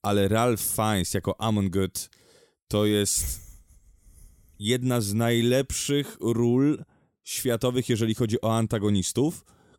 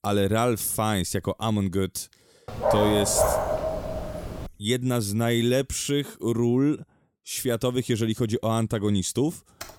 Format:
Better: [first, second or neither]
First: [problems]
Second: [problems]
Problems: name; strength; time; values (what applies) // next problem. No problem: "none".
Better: first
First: none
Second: dog barking; loud; from 2.5 to 4.5 s; peak 1 dB above the speech // keyboard typing; faint; at 9.5 s; peak 15 dB below the speech